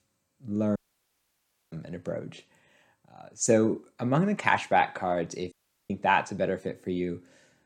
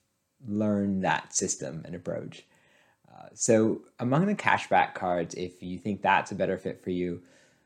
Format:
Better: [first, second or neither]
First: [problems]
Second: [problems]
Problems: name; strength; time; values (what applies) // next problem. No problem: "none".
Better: second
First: audio cutting out; at 1 s for 1 s and at 5.5 s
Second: none